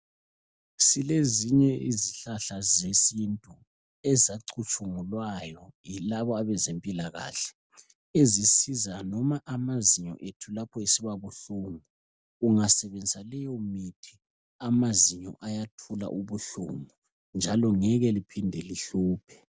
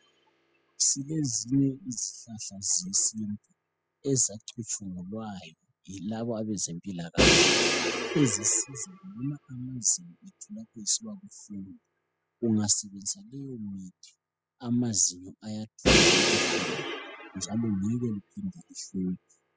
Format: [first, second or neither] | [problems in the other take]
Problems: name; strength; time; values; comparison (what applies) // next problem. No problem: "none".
first | noise reduction (classical method spectral subtraction)